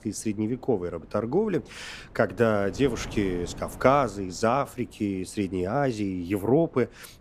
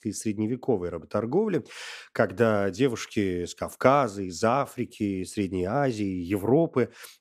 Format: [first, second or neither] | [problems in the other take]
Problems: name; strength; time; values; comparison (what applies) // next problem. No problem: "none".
second | wind noise on the microphone; occasional gusts; 25 dB below the speech